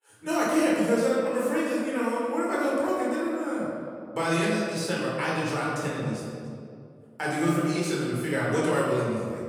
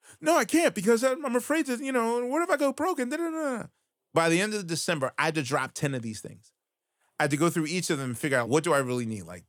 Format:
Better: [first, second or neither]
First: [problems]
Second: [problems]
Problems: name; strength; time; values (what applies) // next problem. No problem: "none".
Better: second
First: off-mic speech; far // room echo; strong; dies away in 2 s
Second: none